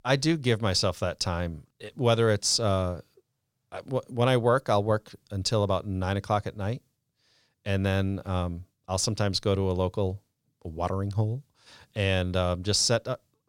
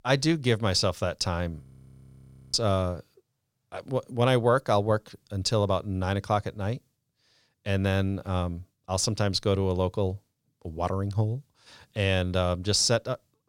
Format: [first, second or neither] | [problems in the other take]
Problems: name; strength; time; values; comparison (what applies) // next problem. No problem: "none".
first | audio freezing; at 1.5 s for 1 s